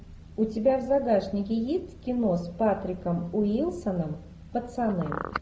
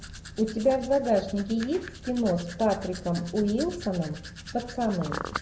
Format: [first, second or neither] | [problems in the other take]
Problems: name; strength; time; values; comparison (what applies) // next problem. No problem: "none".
first | background sound (Domestic sounds, home sounds); 16 dB below the speech